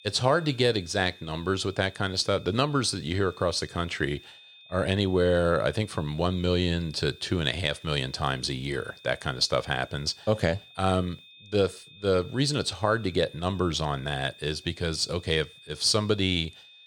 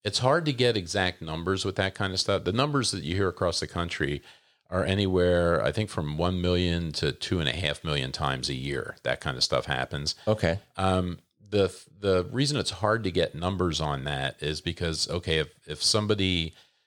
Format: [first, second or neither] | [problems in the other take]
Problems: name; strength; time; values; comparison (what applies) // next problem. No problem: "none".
second | high-pitched whine; faint; throughout; 3.5 kHz, 20 dB below the speech